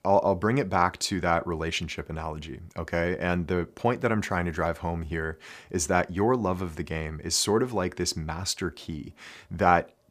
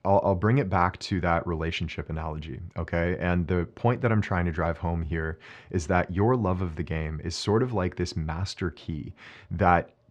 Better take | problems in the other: first | muffled; very slightly; fading above 3.5 kHz

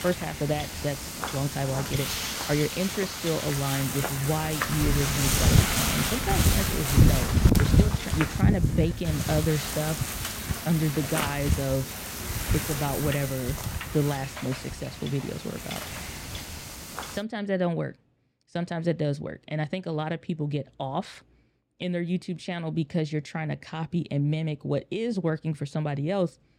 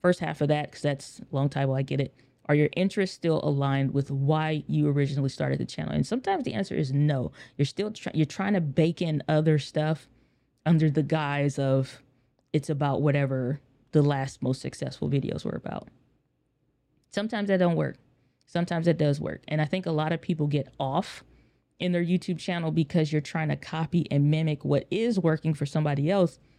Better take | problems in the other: second | wind noise on the microphone; heavy; until 17 s; 2 dB above the speech

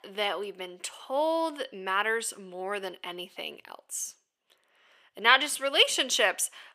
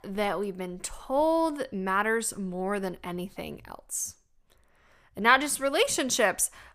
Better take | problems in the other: second | thin; somewhat; fading below 400 Hz

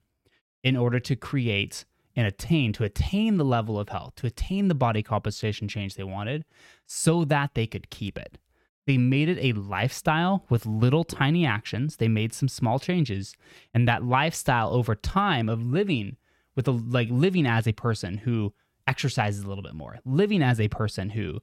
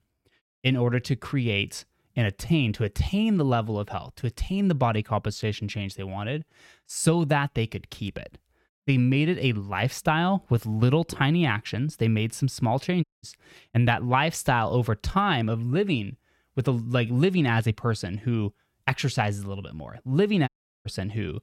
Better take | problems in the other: first | audio cutting out; at 13 s and at 20 s

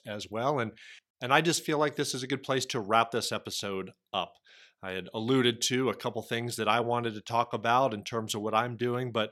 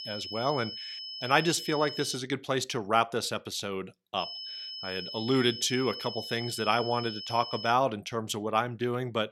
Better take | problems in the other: first | high-pitched whine; loud; until 2 s and from 4 to 7.5 s; 5 kHz, 8 dB below the speech

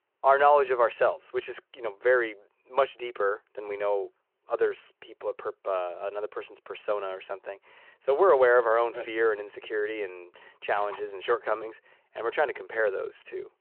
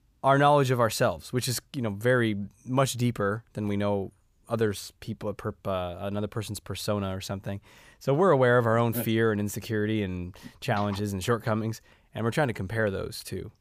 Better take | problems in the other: second | phone-call audio

